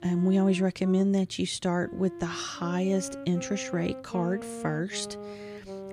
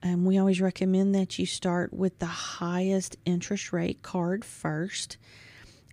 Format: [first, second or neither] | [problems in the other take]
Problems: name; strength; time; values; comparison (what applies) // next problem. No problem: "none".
second | background music; noticeable; throughout; 10 dB below the speech